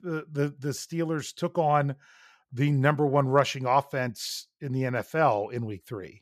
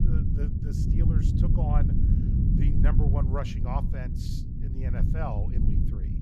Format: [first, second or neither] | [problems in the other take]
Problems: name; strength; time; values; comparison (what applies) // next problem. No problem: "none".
first | low rumble; loud; throughout; as loud as the speech